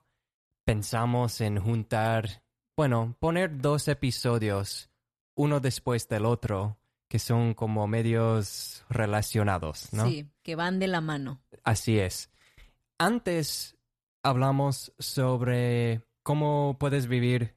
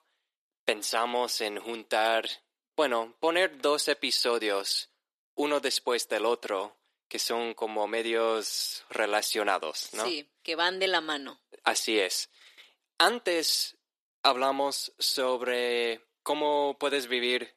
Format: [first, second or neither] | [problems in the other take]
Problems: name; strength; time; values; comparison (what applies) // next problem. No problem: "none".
first | thin; very; fading below 300 Hz